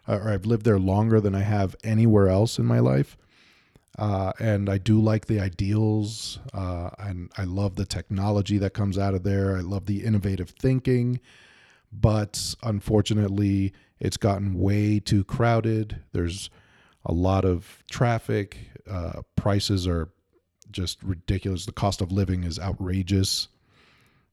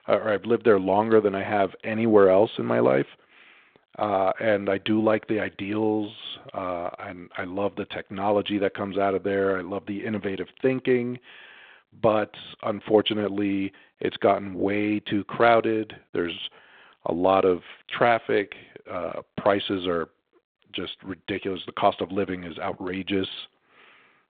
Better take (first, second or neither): first